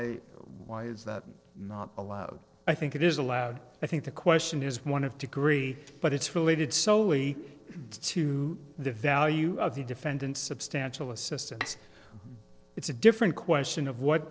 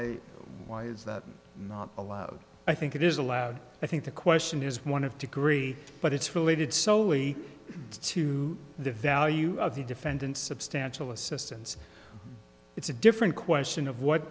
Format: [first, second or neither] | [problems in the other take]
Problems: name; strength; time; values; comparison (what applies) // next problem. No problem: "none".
second | noise reduction (neural separator model SepFormer DNS4)